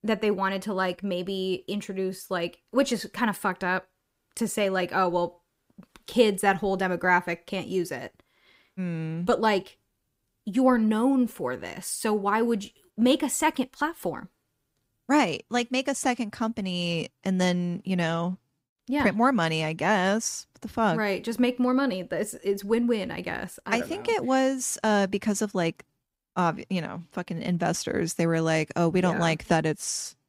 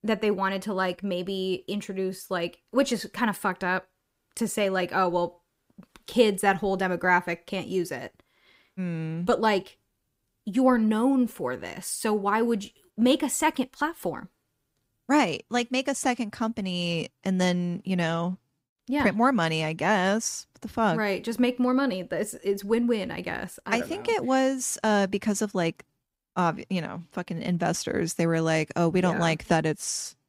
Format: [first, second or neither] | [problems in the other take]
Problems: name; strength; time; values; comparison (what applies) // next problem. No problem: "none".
neither | none